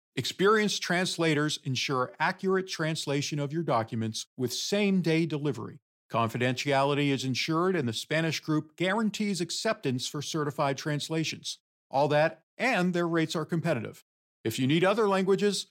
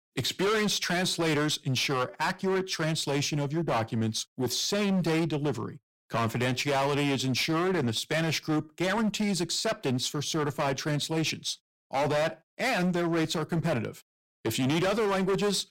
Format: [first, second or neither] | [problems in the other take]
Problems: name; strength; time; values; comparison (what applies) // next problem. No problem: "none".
first | distortion; heavy; 19% of the sound clipped